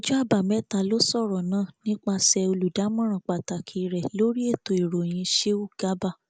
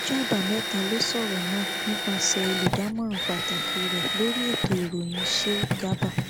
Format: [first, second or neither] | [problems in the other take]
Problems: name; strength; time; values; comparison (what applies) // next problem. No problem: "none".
first | background sound (Drill); as loud as the speech